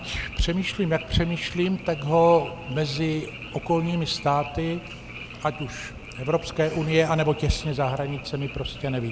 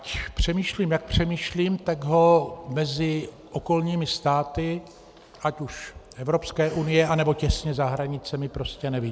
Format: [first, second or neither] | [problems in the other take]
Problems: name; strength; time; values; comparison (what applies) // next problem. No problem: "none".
second | background sound (Frog); 14 dB below the speech